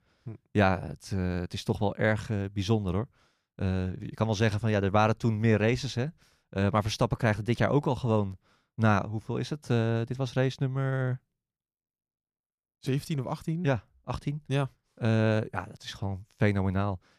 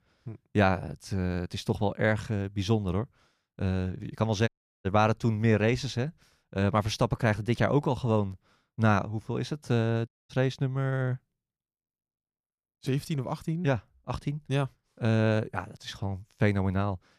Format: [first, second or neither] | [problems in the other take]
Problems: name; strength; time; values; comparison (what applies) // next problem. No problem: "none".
first | audio cutting out; at 4.5 s and at 10 s